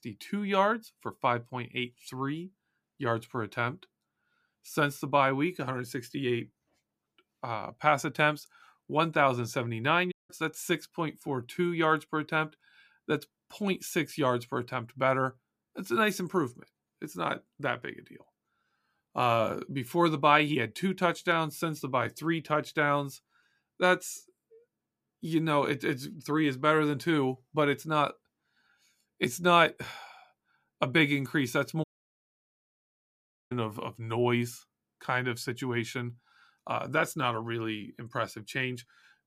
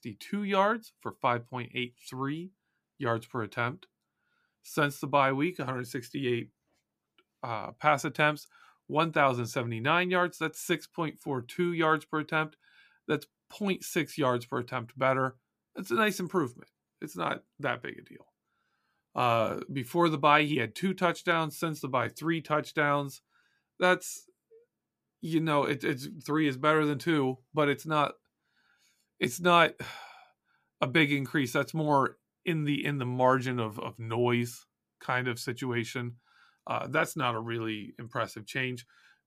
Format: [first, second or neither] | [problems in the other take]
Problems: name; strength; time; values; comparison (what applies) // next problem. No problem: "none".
second | audio cutting out; at 10 s and at 32 s for 1.5 s